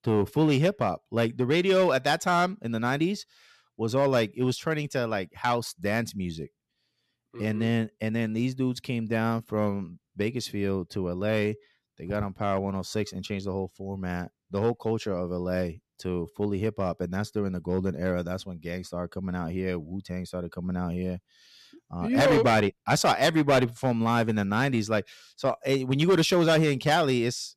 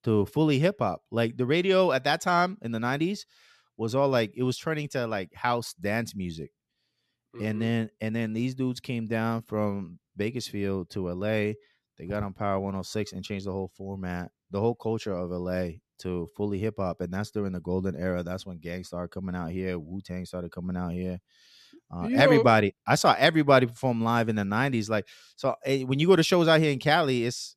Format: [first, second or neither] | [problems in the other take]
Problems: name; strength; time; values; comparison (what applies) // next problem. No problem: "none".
second | distortion; slight; 3% of the sound clipped